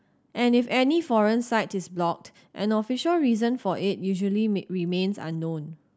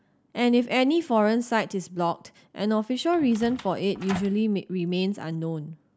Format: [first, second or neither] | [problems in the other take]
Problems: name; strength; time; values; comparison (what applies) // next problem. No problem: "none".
first | background sound (Door); 15 dB below the speech